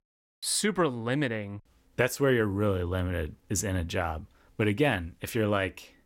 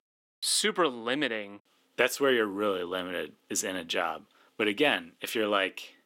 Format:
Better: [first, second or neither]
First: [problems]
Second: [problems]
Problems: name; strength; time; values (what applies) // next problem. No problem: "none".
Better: first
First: none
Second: thin; somewhat; fading below 250 Hz